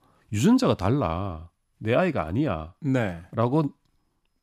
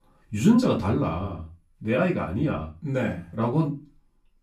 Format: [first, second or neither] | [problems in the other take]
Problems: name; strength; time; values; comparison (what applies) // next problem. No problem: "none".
first | off-mic speech; far // room echo; very slight; dies away in 0.2 s